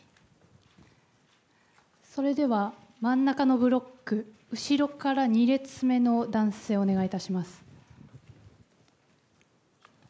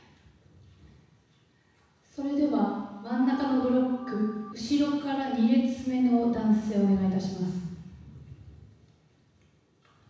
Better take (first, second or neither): first